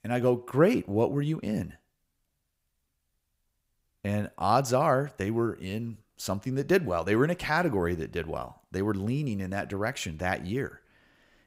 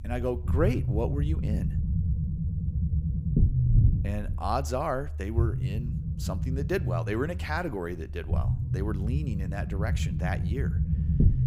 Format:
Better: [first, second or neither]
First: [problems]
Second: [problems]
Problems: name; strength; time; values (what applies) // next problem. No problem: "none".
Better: first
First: none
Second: low rumble; loud; throughout; 8 dB below the speech